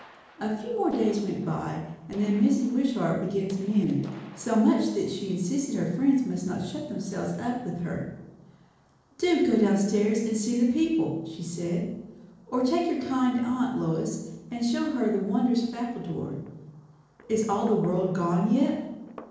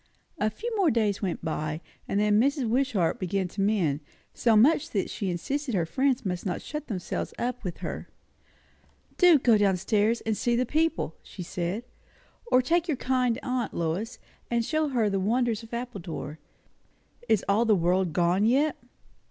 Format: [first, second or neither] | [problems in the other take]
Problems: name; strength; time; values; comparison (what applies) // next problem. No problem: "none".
second | noise reduction (neural separator model SepFormer DNS4)